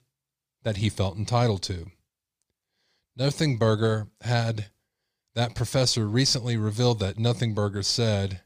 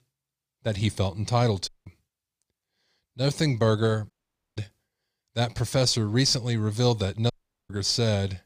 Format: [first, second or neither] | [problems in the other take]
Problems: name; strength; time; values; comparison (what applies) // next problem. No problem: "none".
first | audio cutting out; at 1.5 s, at 4 s and at 7.5 s